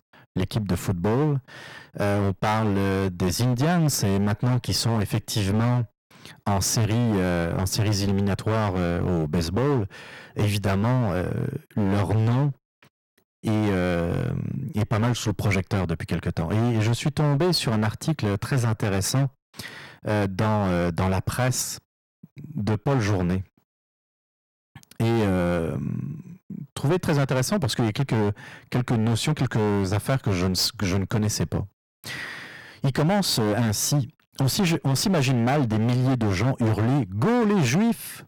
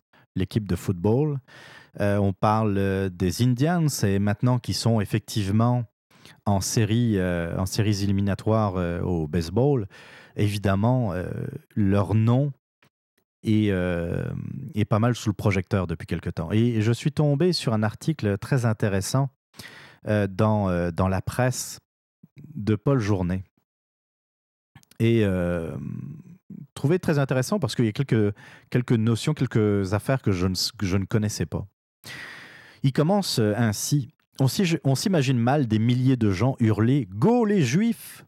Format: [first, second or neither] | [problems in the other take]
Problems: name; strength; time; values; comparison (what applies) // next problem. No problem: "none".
second | distortion; heavy; 20% of the sound clipped